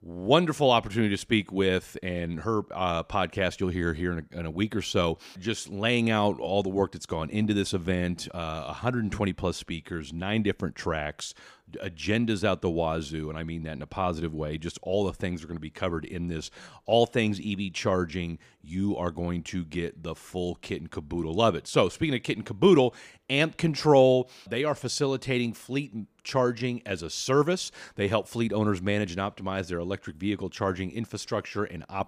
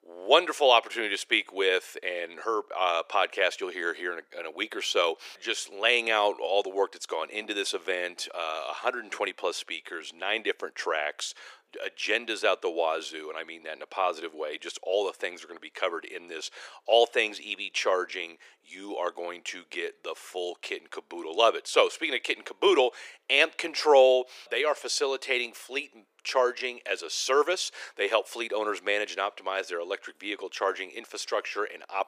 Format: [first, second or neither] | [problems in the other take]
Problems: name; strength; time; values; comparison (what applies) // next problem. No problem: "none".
first | thin; very; fading below 400 Hz